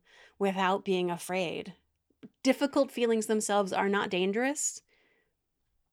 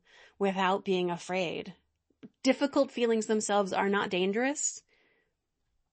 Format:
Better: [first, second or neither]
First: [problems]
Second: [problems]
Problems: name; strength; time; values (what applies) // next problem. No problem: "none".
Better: first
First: none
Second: garbled, watery; slightly; nothing above 8 kHz